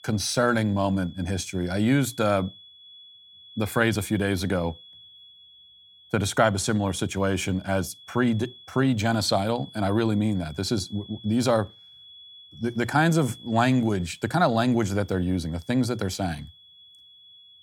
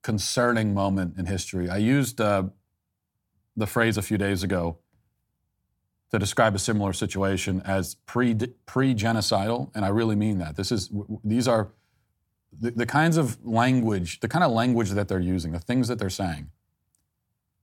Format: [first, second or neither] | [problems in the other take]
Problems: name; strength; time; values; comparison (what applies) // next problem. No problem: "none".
second | high-pitched whine; faint; throughout; 3.5 kHz, 20 dB below the speech